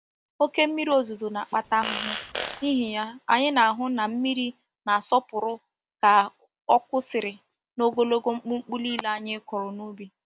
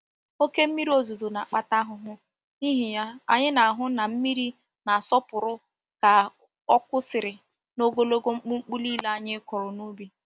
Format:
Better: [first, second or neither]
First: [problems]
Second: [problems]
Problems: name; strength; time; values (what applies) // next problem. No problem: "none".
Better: second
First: background sound (Fart); 8 dB below the speech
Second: none